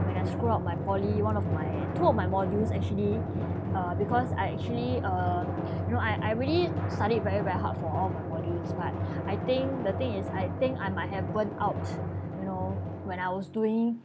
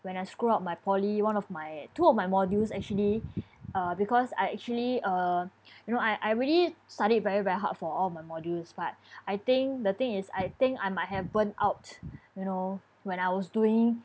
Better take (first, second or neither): second